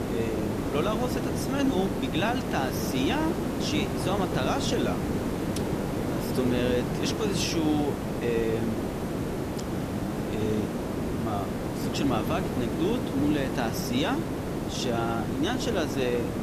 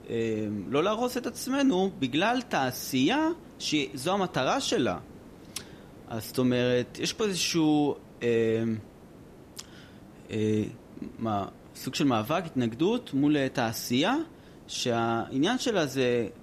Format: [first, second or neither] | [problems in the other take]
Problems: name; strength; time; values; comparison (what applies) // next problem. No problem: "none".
second | hiss; loud; throughout; as loud as the speech; faint in the second